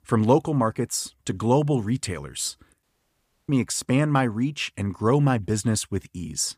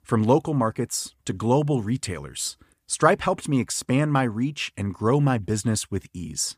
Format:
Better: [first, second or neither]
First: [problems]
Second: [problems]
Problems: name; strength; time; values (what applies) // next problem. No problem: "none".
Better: second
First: audio cutting out; at 3 s for 0.5 s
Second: none